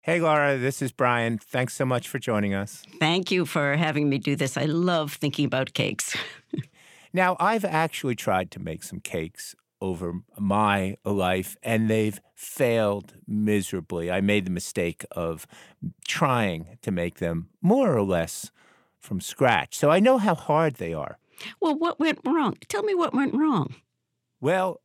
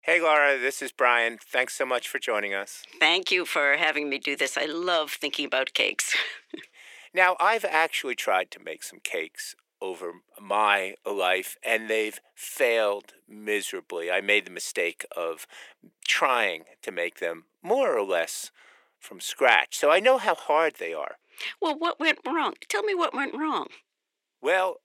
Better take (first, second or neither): first